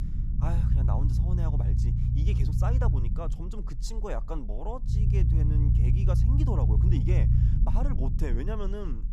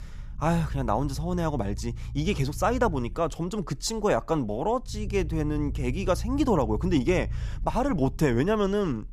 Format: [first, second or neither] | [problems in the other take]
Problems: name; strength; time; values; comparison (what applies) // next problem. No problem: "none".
second | low rumble; loud; throughout; as loud as the speech; faint in the second